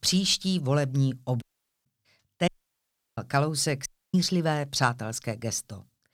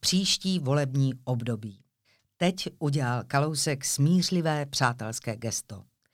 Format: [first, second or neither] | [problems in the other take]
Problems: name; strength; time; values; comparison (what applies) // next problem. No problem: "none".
second | audio cutting out; at 1.5 s, at 2.5 s for 0.5 s and at 4 s